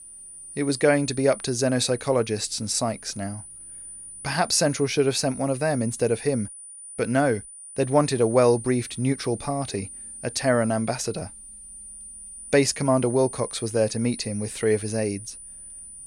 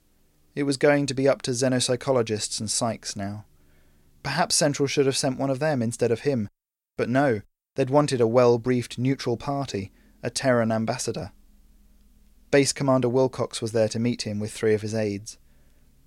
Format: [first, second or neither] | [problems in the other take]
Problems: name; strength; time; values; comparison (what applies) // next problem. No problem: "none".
second | high-pitched whine; noticeable; throughout; 9.5 kHz, 15 dB below the speech